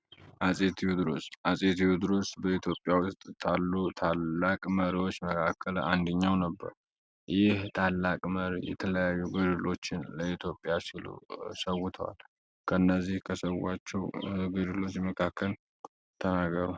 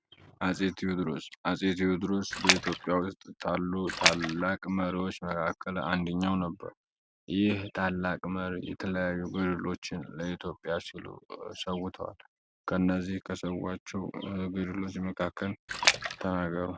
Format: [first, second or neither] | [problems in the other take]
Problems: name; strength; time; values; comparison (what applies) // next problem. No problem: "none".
first | background sound (Splash, splatter); 3 dB above the speech